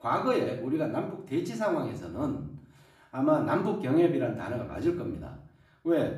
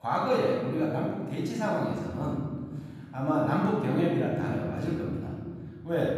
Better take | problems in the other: first | room echo; strong; dies away in 2 s; slight in the first // off-mic speech; far; far in the first

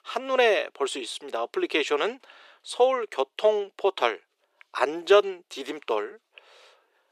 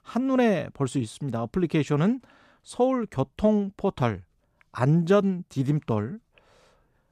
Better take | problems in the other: second | thin; very; fading below 350 Hz

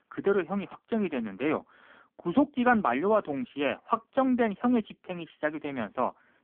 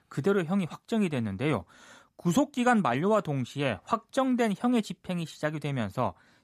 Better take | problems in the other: second | phone-call audio; poor line

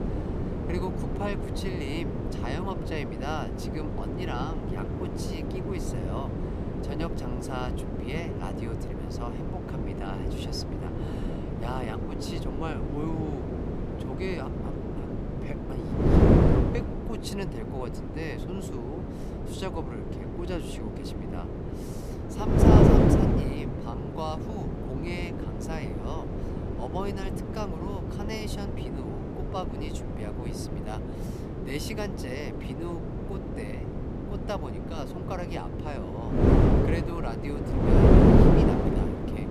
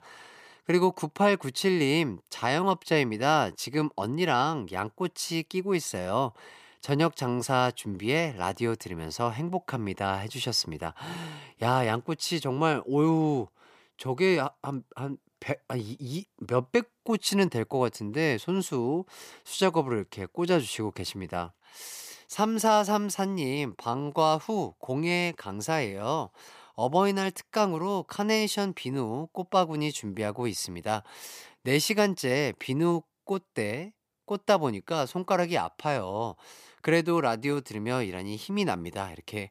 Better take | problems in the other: second | wind noise on the microphone; heavy; 5 dB above the speech

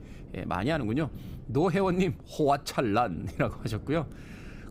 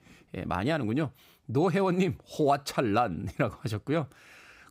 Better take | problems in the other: second | wind noise on the microphone; occasional gusts; 25 dB below the speech

